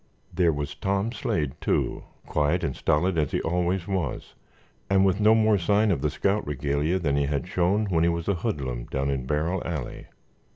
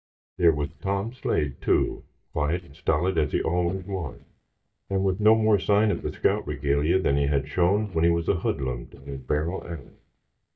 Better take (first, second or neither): first